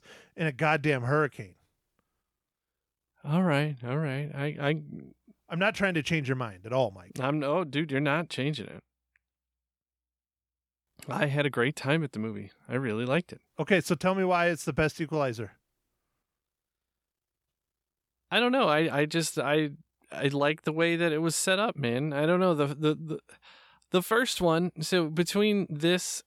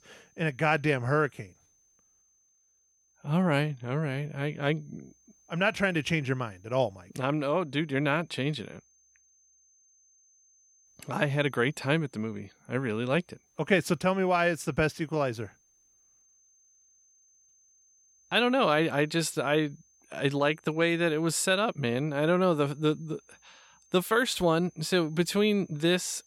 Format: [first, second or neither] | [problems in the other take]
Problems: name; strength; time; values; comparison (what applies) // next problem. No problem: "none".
first | high-pitched whine; faint; throughout; 6.5 kHz, 35 dB below the speech